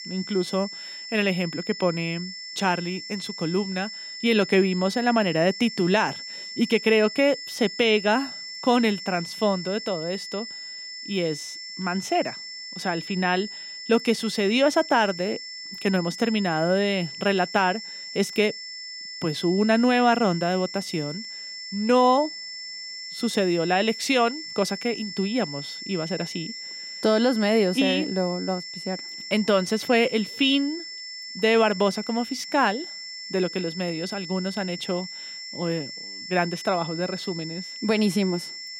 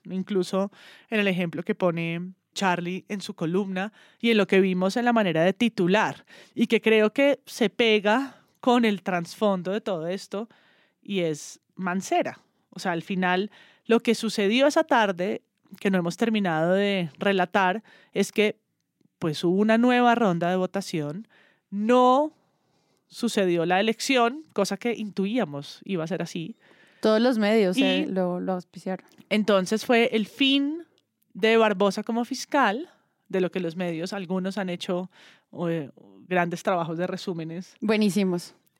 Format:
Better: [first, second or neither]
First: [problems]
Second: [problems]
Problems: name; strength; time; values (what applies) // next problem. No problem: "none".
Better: second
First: high-pitched whine; loud; throughout; 5.5 kHz, 10 dB below the speech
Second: none